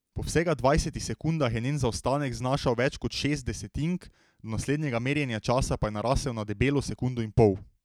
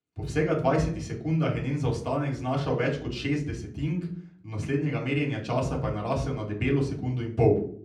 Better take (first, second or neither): first